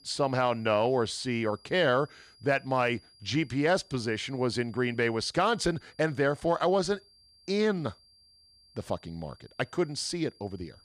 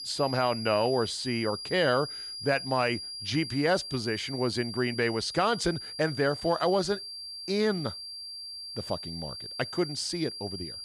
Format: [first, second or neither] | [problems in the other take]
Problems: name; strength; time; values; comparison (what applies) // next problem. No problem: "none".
first | high-pitched whine; loud; throughout; 4.5 kHz, 8 dB below the speech; faint in the first